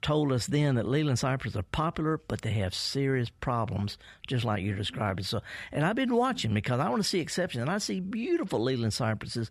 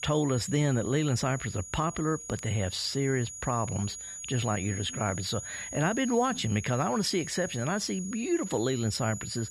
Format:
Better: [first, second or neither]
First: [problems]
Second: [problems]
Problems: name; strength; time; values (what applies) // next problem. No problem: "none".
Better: first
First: none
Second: high-pitched whine; loud; throughout; 7 kHz, 9 dB below the speech